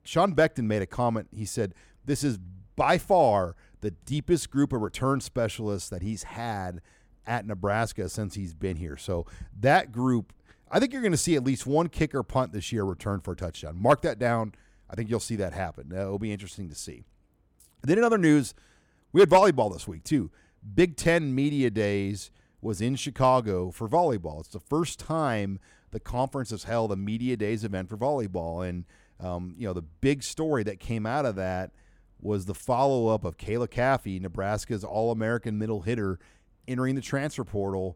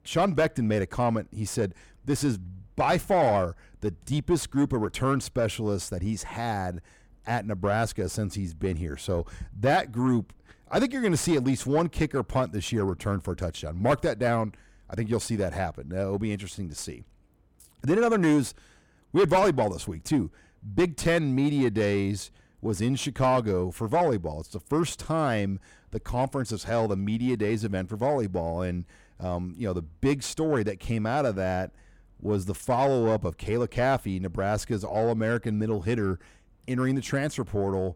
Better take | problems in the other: first | distortion; slight; 10 dB below the speech

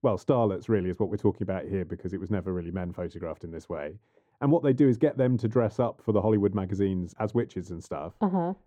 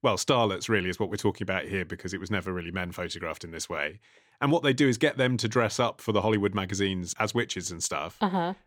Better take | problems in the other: second | muffled; very; fading above 1.5 kHz

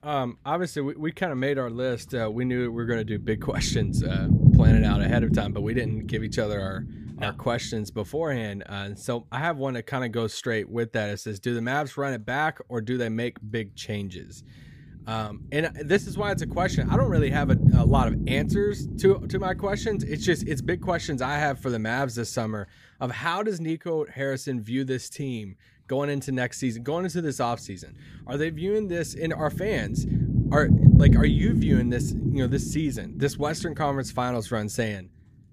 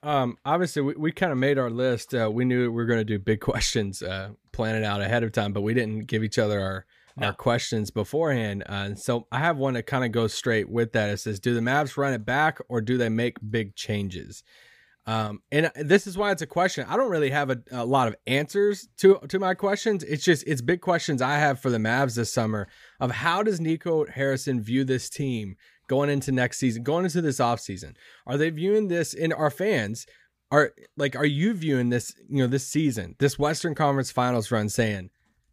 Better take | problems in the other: second | low rumble; loud; throughout; 5 dB below the speech

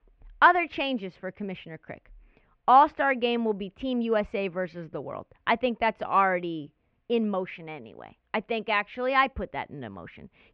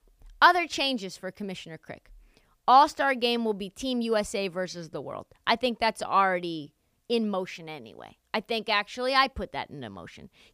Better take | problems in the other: second | muffled; very; fading above 2.5 kHz

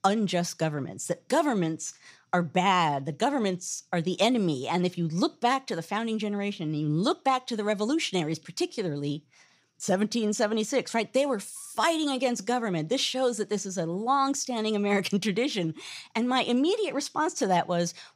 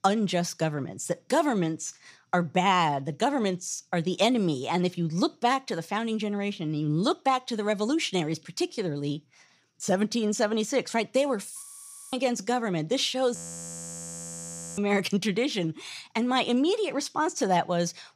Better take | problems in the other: first | audio freezing; at 12 s for 0.5 s and at 13 s for 1.5 s

